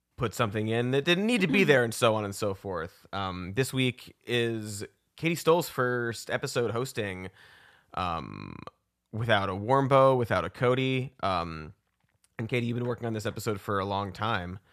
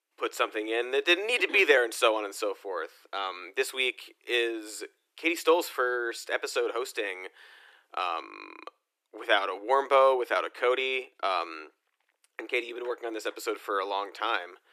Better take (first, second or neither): first